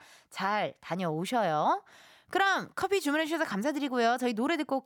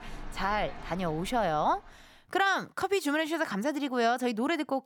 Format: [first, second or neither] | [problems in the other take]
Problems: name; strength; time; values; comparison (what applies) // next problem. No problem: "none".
first | rain or running water; noticeable; until 1.5 s; 15 dB below the speech